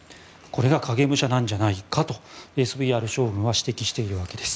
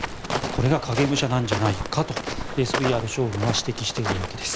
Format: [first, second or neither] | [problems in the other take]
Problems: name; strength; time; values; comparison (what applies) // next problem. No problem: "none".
first | background sound (Walk, footsteps); 4 dB below the speech